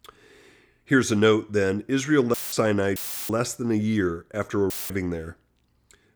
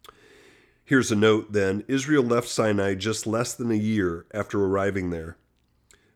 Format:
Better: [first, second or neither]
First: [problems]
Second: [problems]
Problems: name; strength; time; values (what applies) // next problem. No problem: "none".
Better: second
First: audio cutting out; filled with static; at 2.5 s, at 3 s and at 4.5 s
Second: none